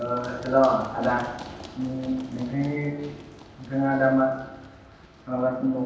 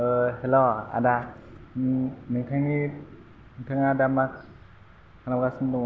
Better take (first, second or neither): second